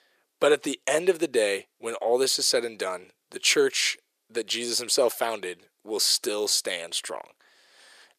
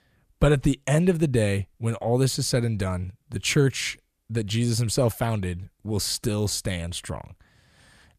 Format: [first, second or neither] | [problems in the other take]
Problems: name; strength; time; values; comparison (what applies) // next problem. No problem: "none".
second | thin; very; fading below 400 Hz